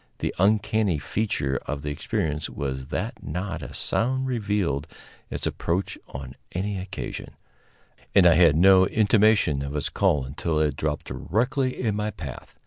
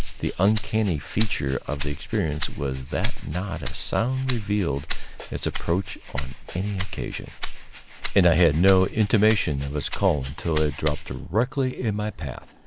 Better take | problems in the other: first | background sound (Rattle (instrument)); 3 dB below the speech

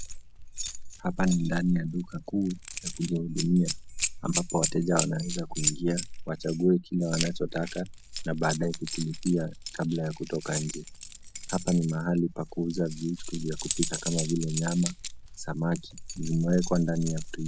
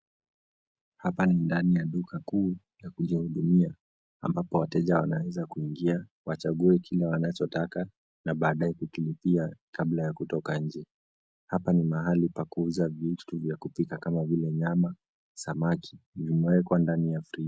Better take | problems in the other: second | background sound (Keys jangling); 5 dB below the speech

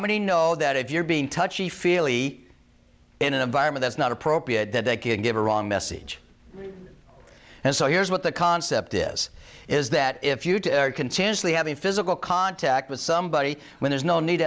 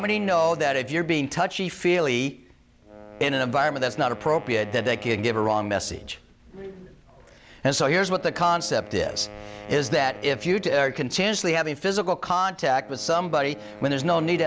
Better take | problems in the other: first | background sound (Wind instrument, woodwind instrument); 19 dB below the speech

